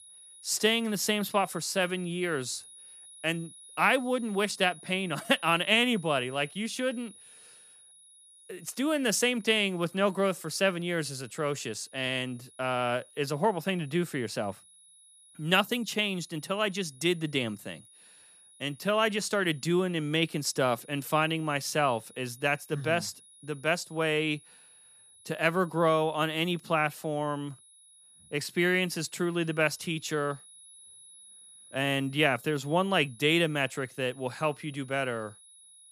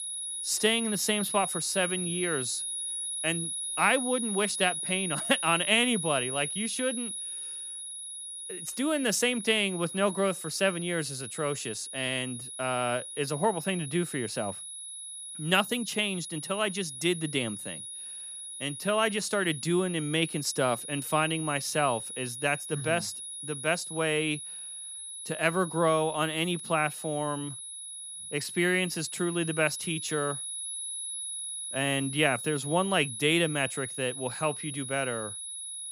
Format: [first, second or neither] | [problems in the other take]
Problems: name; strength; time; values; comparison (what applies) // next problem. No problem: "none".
first | high-pitched whine; loud; throughout; 10.5 kHz, 6 dB below the speech; faint in the first